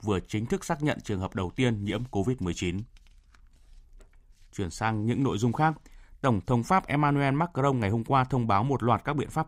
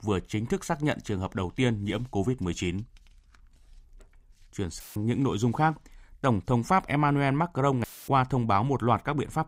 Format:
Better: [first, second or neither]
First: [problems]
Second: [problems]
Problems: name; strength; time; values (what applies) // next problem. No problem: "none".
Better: first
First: none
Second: audio cutting out; filled with static; at 5 s and at 8 s